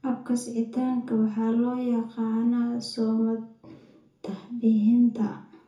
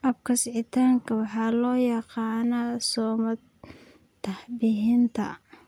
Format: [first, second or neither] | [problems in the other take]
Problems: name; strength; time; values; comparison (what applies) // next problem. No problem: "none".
second | room echo; dies away in 0.6 s